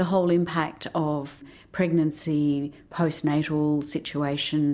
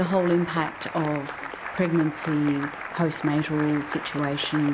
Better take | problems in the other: first | background sound (Applause); 10 dB below the speech

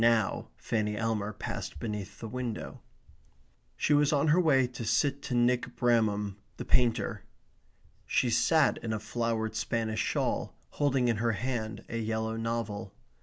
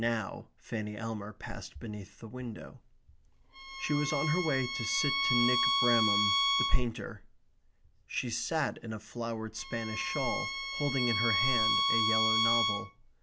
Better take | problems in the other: first | background sound (Bowed string instrument); 2 dB above the speech

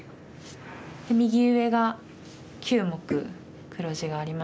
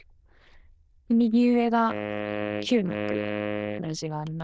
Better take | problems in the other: first | noise reduction (neural diffusion model UNIVERSE++)

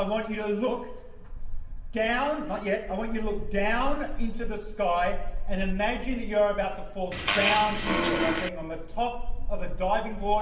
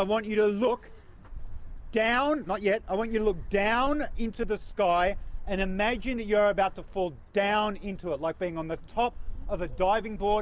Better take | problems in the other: second | background sound (Fart); as loud as the speech // room echo; dies away in 0.9 s

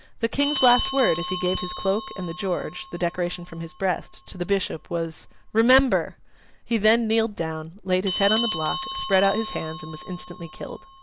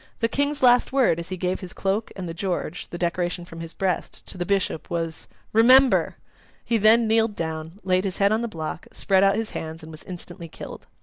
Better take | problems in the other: second | background sound (Bell); 9 dB below the speech

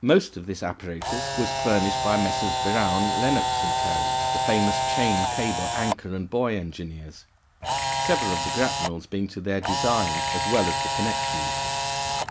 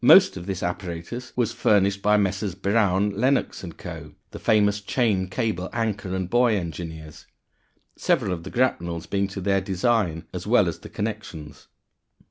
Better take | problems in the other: second | background sound (Camera); 1 dB above the speech

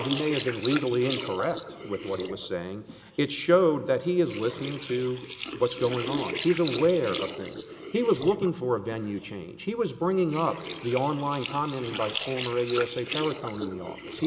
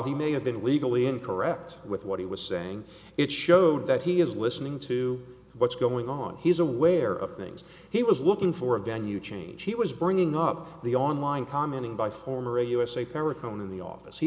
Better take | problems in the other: second | noise reduction (neural mask model Resemble Enhance denoiser)

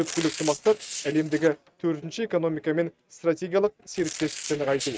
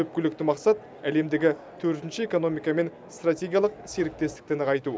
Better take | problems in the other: second | noise reduction (neural mask model RNNoise)

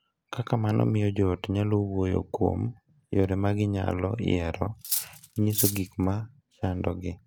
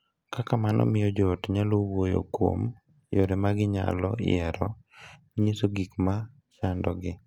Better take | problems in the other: second | background sound (Cutlery, silverware); 5 dB below the speech

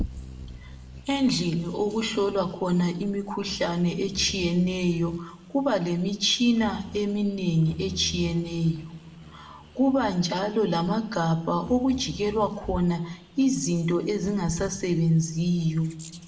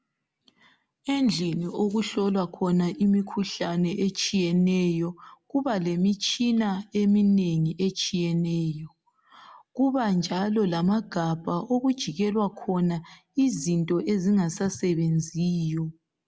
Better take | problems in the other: second | background sound (Bird vocalization, bird call, bird song); 17 dB below the speech // room echo; dies away in 0.6 s

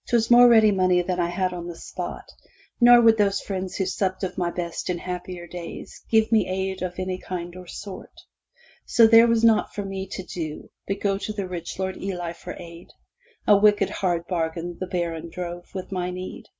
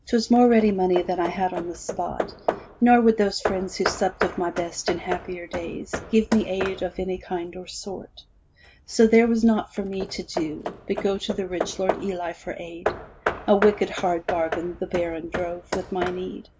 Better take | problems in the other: first | background sound (Hammer / Wood); 9 dB below the speech

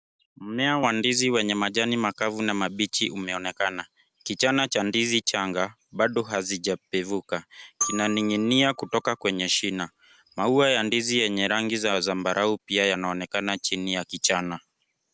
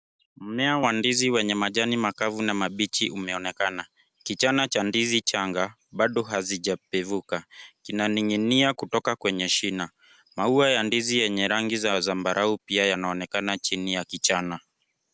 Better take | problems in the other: second | background sound (Glockenspiel); 11 dB below the speech

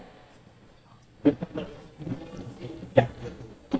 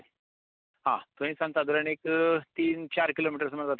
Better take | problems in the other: second | noise reduction (neural mask model DeepFilterNet 3)

